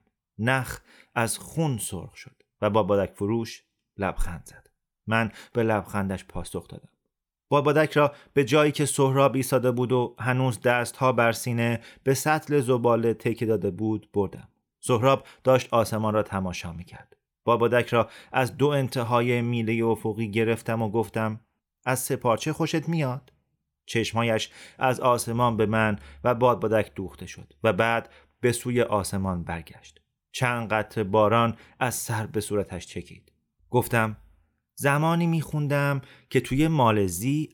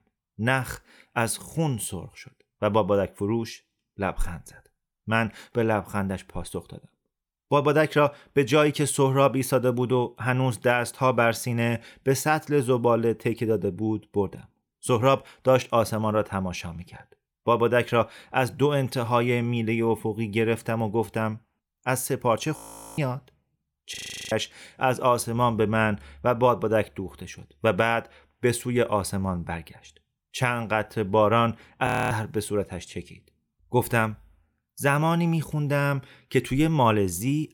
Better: first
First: none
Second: audio freezing; at 23 s, at 24 s and at 32 s

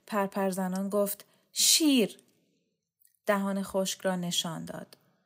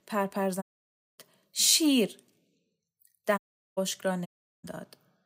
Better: first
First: none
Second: audio cutting out; at 0.5 s for 0.5 s, at 3.5 s and at 4.5 s

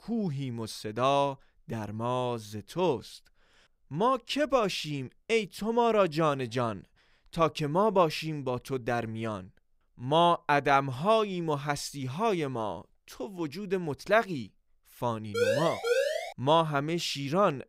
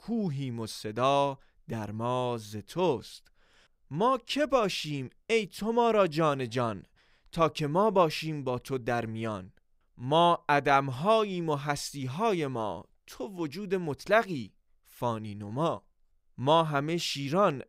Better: second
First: siren; loud; at 15 s; peak 1 dB above the speech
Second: none

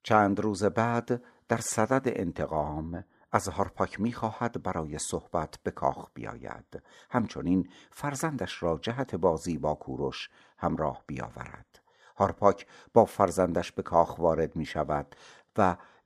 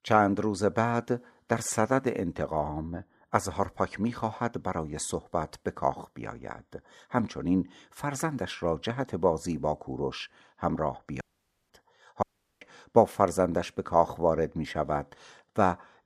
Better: first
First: none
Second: audio cutting out; at 11 s and at 12 s

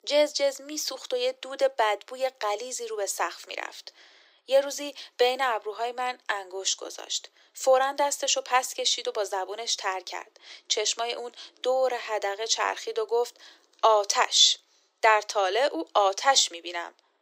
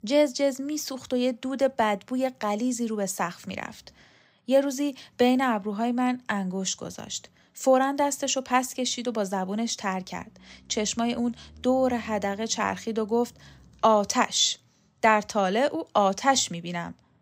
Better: second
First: thin; very; fading below 300 Hz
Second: none

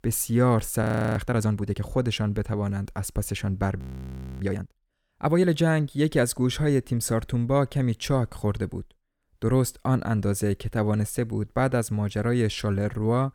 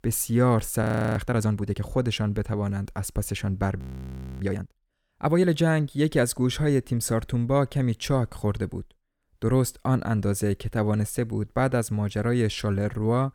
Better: neither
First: audio freezing; at 1 s and at 4 s for 0.5 s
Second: audio freezing; at 1 s and at 4 s for 0.5 s

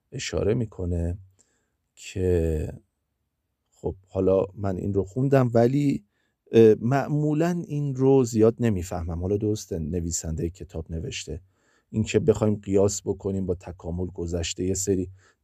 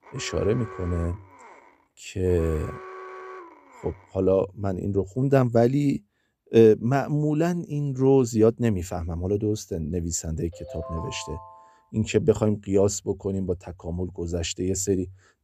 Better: first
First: none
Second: alarm; faint; until 4 s; peak 15 dB below the speech // phone ringing; faint; from 11 to 12 s; peak 15 dB below the speech

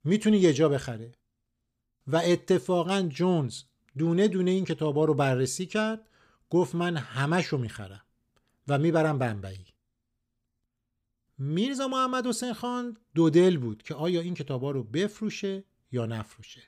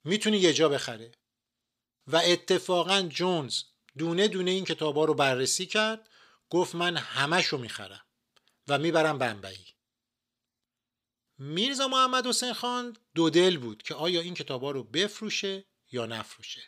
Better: first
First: none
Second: thin; somewhat; fading below 600 Hz

